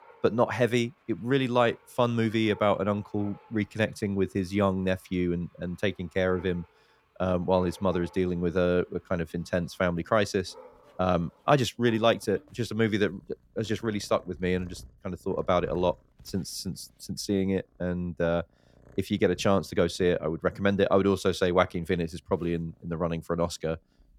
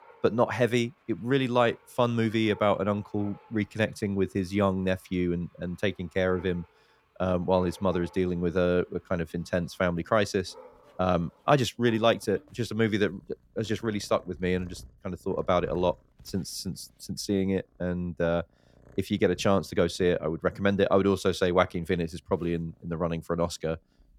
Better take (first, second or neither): neither